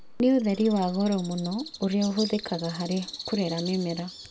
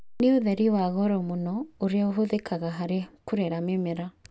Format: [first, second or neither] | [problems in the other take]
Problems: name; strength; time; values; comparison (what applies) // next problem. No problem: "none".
second | background sound (Bird); 14 dB below the speech